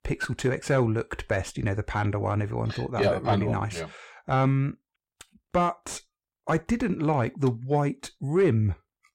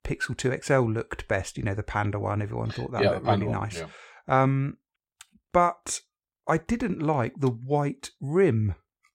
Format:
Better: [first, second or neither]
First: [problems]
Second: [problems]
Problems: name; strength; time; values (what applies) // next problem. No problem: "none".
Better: second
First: distortion; slight; 10 dB below the speech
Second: none